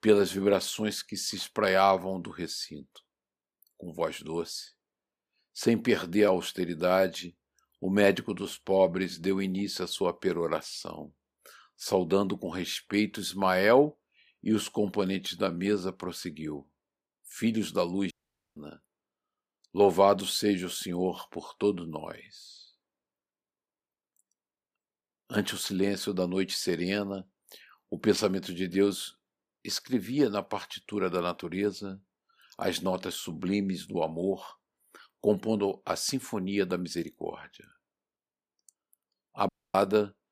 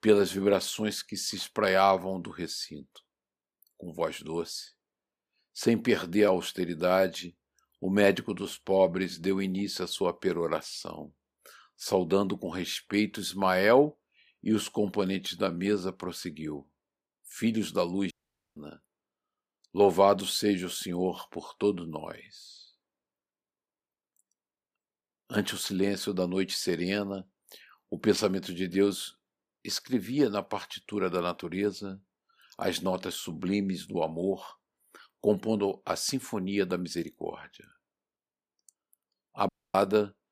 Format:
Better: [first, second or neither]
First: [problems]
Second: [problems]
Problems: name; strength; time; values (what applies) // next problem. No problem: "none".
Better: neither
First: audio cutting out; at 18 s and at 39 s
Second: audio cutting out; at 18 s and at 39 s